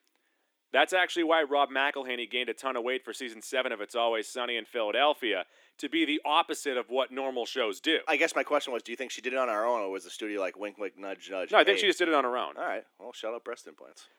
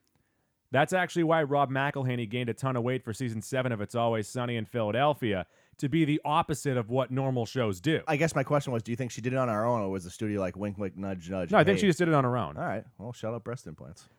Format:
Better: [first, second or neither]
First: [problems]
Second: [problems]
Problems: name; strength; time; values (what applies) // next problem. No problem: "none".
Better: second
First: thin; somewhat; fading below 300 Hz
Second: none